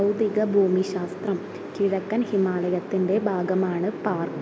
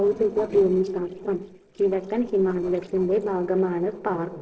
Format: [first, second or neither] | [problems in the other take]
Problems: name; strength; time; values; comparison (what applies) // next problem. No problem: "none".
first | noise reduction (neural separator model SepFormer DNS4)